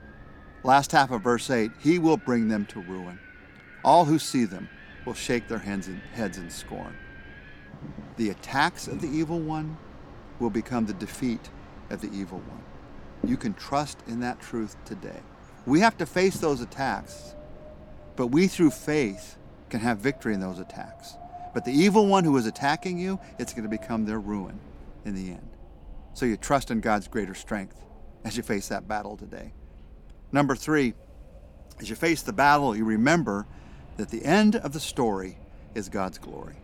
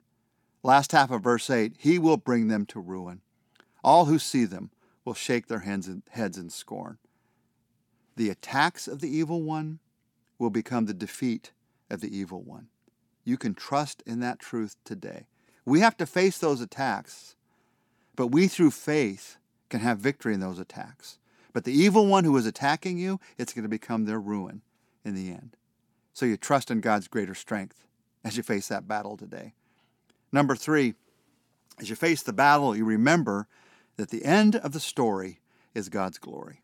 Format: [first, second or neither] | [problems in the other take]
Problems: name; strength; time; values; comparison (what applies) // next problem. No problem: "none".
second | wind in the background; noticeable; throughout; 20 dB below the speech